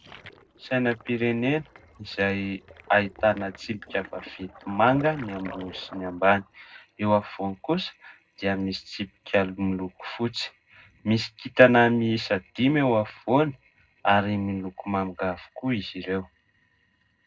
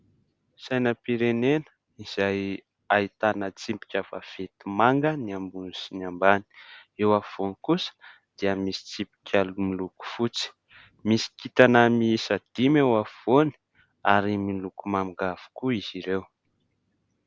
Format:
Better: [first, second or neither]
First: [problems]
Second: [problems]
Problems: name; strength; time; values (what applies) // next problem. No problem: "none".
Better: second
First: noise reduction (neural separator model SepFormer DNS4)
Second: none